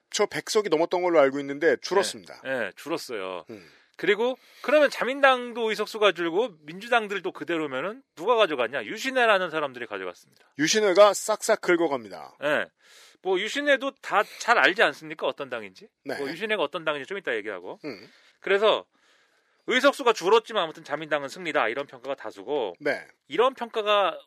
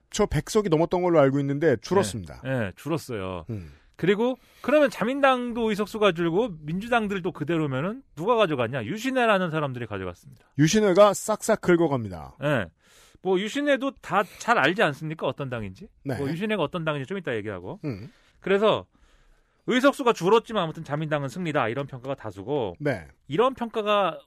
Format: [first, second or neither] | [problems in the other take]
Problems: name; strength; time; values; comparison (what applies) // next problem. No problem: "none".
second | thin; somewhat; fading below 400 Hz